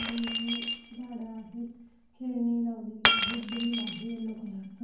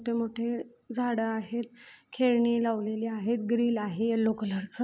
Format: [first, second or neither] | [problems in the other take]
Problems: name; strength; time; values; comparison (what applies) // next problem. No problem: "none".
second | background sound (Shatter); 1 dB above the speech // room echo; dies away in 0.9 s